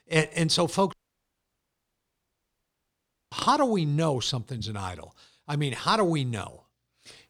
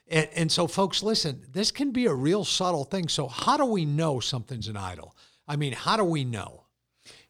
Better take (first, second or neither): second